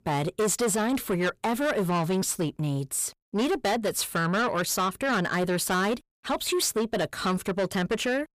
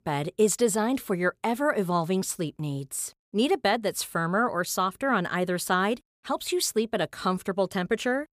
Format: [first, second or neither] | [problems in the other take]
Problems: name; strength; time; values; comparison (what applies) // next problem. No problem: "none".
second | distortion; heavy; 8 dB below the speech